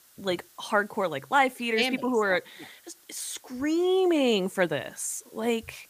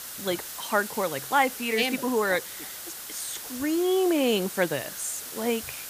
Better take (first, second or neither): first